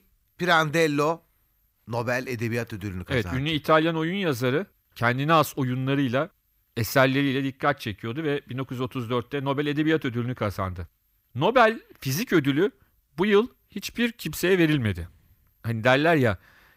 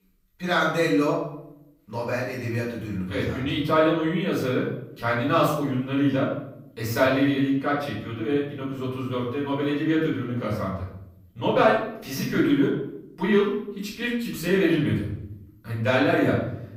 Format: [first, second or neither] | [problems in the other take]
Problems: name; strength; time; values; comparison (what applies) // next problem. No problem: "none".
first | off-mic speech; far // room echo; noticeable; dies away in 0.7 s